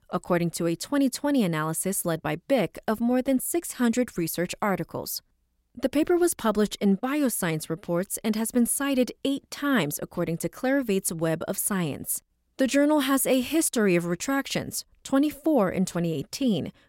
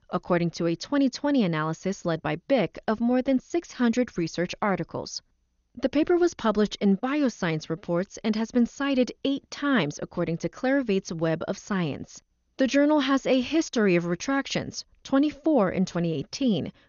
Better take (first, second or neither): first